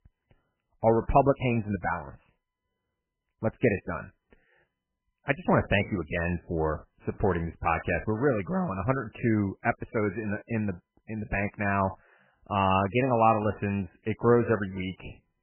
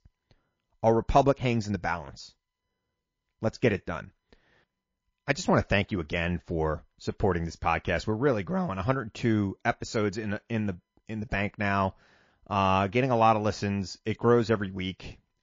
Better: second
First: garbled, watery; badly; nothing above 3 kHz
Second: garbled, watery; slightly

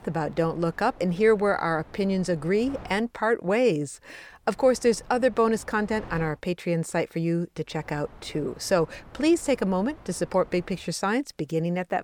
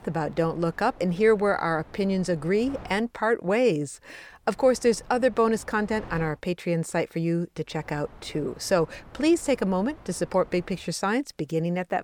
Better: neither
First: wind noise on the microphone; occasional gusts; until 3 s, from 4.5 to 6.5 s and from 8 to 11 s; 25 dB below the speech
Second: wind noise on the microphone; occasional gusts; until 3 s, from 4.5 to 6.5 s and from 8 to 11 s; 25 dB below the speech

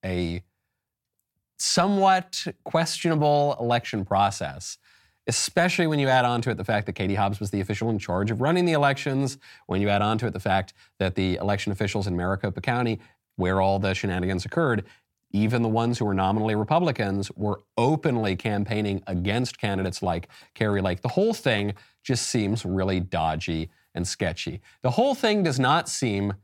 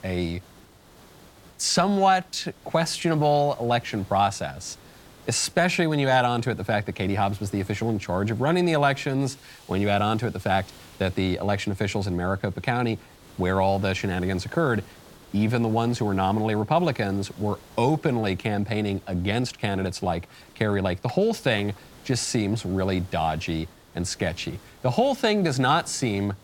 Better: first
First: none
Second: hiss; faint; throughout; 25 dB below the speech

